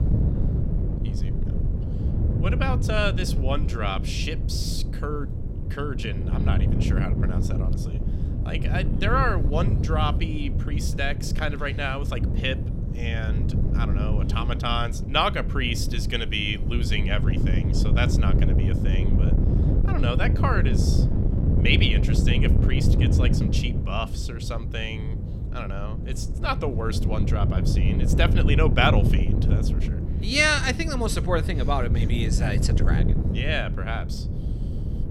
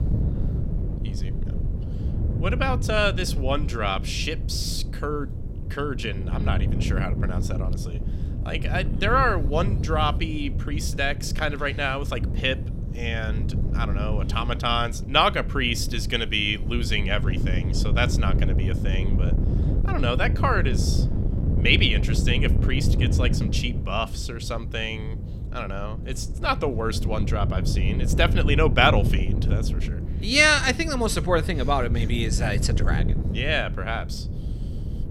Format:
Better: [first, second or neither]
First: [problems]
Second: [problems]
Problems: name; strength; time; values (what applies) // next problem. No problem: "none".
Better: second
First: wind noise on the microphone; heavy; 8 dB below the speech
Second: wind noise on the microphone; occasional gusts; 15 dB below the speech